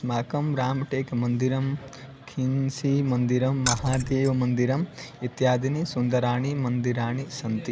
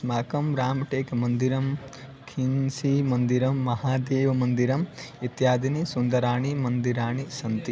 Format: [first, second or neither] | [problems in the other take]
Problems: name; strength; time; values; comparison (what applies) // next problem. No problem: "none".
second | background sound (Keys jangling); 7 dB below the speech